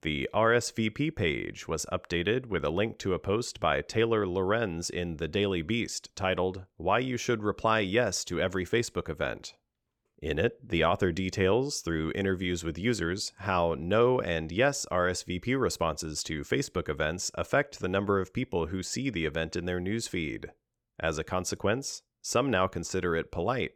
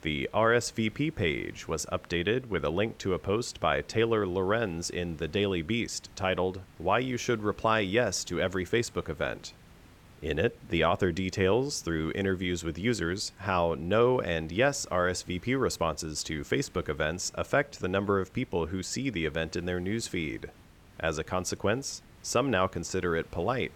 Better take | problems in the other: first | hiss; faint; throughout; 25 dB below the speech

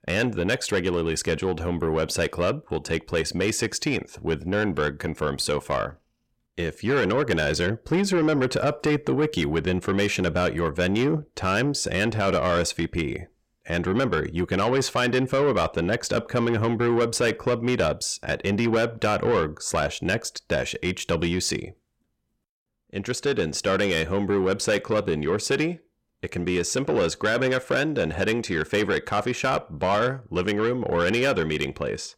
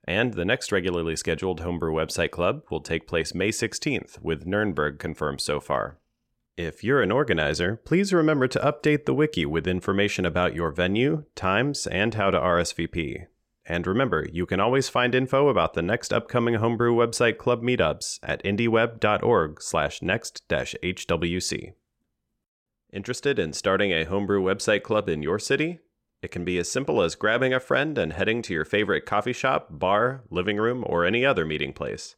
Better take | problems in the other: second | distortion; slight; 10 dB below the speech

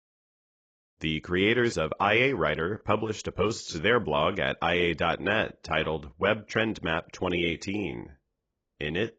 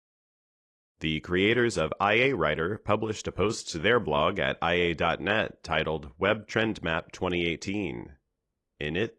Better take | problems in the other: second | garbled, watery; badly; nothing above 7.5 kHz; slightly in the second

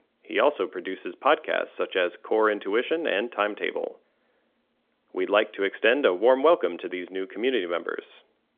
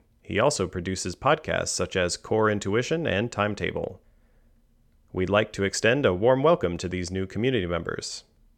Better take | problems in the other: second | phone-call audio; nothing above 3.5 kHz

